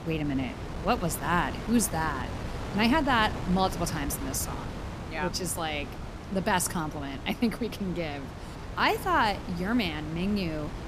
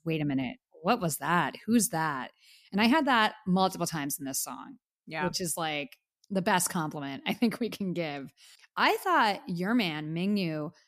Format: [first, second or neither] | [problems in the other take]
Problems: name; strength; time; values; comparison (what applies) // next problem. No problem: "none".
second | wind noise on the microphone; occasional gusts; 10 dB below the speech